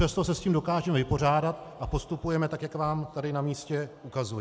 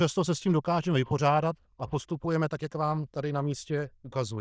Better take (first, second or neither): first